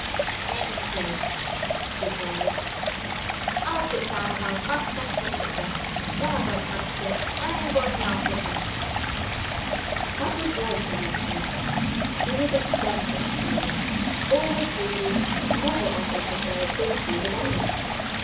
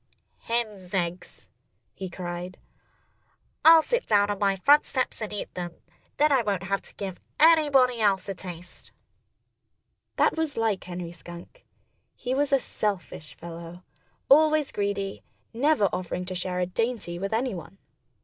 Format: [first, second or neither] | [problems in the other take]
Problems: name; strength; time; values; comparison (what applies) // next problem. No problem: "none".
second | background sound (Stream); 5 dB above the speech // room echo; dies away in 0.7 s